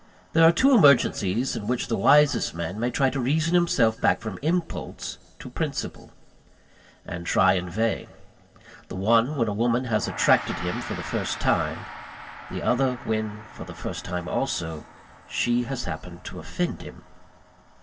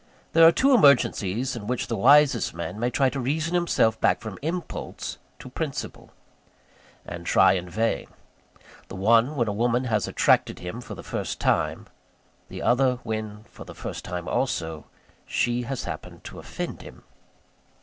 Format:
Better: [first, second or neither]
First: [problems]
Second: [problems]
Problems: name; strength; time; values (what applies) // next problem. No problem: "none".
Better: second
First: background sound (Gong); 18 dB below the speech // room echo; dies away in 1.5 s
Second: none